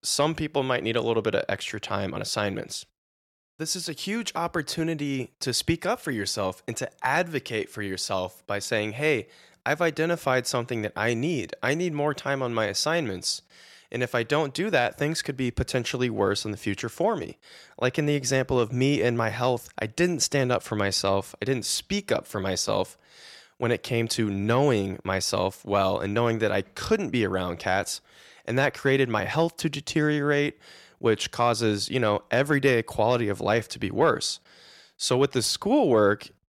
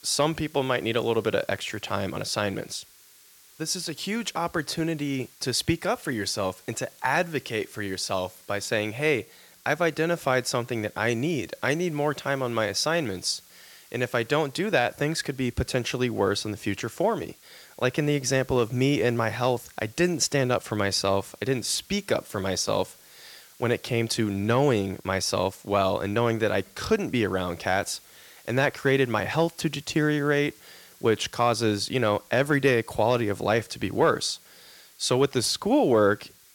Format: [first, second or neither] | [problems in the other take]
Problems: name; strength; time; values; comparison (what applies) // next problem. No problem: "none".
first | hiss; faint; throughout; 25 dB below the speech